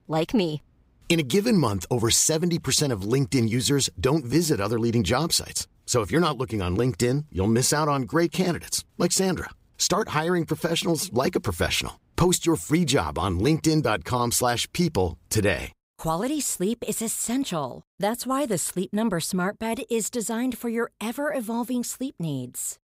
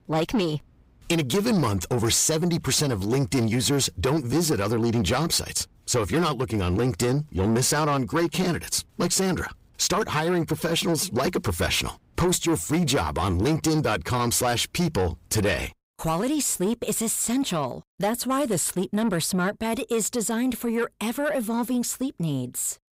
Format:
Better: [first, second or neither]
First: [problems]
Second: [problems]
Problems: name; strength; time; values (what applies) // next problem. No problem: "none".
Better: first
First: none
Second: distortion; slight; 10 dB below the speech